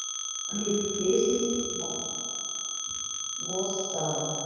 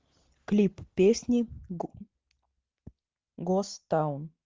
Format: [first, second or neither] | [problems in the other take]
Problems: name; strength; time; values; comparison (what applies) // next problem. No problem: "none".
second | background sound (Telephone); 2 dB below the speech // room echo; dies away in 2.2 s